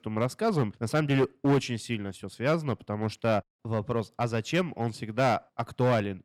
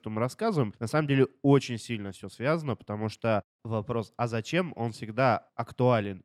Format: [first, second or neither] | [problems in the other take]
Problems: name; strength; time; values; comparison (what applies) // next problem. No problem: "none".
second | distortion; slight; 4% of the sound clipped